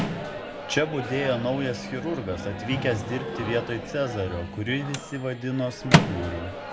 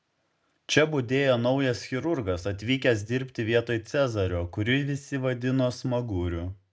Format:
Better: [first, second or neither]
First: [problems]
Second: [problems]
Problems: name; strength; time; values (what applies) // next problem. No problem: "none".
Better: second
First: background sound (Microwave oven); 1 dB below the speech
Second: none